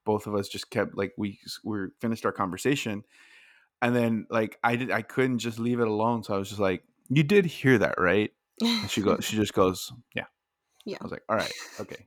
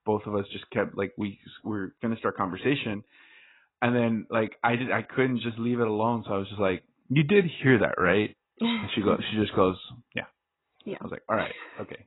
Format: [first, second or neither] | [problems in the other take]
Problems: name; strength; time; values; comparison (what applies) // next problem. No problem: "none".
first | garbled, watery; badly; nothing above 4 kHz